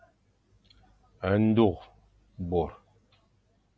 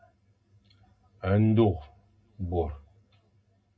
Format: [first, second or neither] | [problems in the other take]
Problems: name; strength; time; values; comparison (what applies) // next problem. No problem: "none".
first | room echo; dies away in 0.2 s